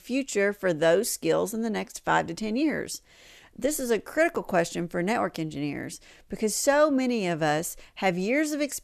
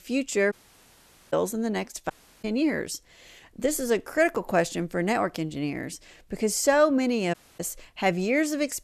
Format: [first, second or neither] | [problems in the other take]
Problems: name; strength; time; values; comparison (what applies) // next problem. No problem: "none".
first | audio cutting out; at 0.5 s for 1 s, at 2 s and at 7.5 s